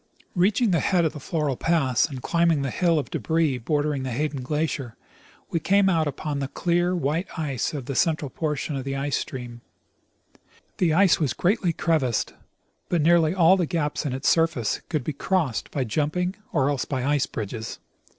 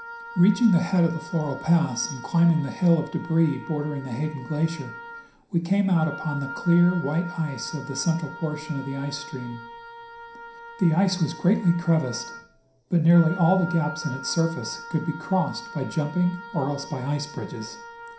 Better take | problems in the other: first | background sound (Wind instrument, woodwind instrument); 15 dB below the speech // room echo; dies away in 0.5 s

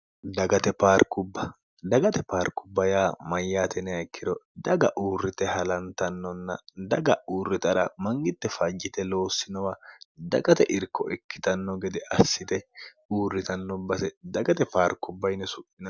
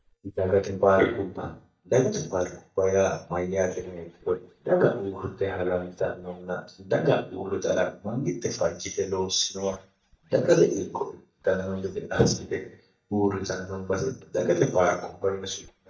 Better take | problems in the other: first | noise reduction (neural mask model DeepFilterNet 3)

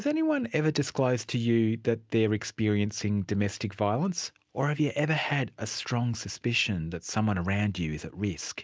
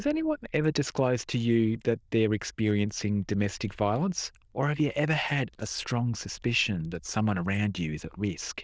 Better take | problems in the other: first | noise reduction (neural diffusion model UNIVERSE++)

